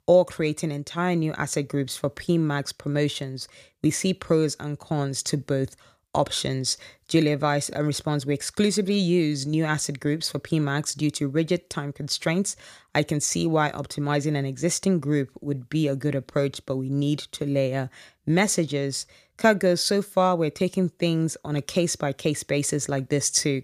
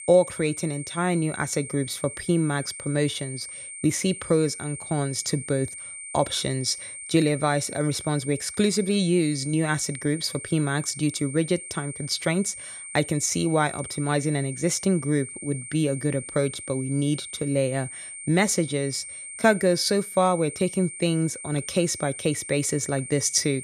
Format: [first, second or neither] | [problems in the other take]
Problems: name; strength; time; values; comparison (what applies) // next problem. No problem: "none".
first | high-pitched whine; noticeable; throughout; 8.5 kHz, 10 dB below the speech